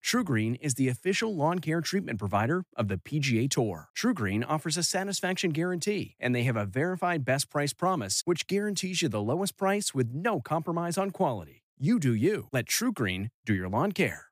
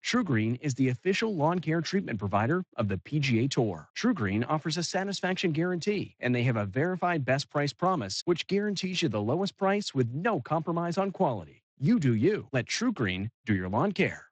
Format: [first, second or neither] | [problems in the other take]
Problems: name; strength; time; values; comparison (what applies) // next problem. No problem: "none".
first | garbled, watery; slightly; nothing above 8 kHz